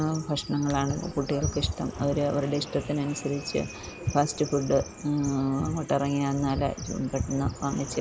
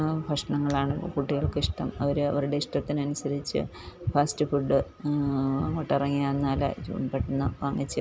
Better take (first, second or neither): second